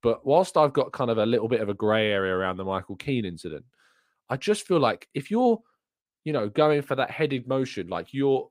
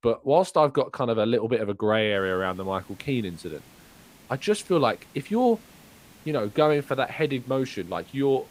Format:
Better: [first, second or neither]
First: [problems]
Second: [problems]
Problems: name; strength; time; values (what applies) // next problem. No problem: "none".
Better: first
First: none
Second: hiss; faint; from 2 s on; 25 dB below the speech